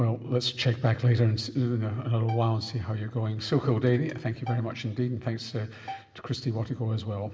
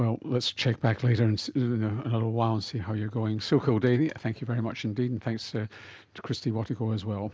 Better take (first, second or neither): second